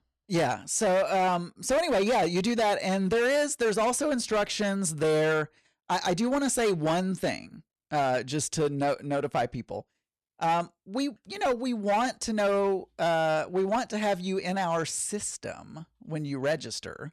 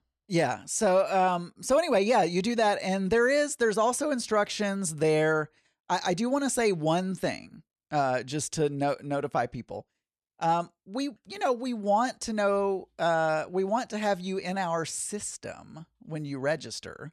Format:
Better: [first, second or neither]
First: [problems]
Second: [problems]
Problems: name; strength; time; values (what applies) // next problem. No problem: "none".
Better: second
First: distortion; slight; 10% of the sound clipped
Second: none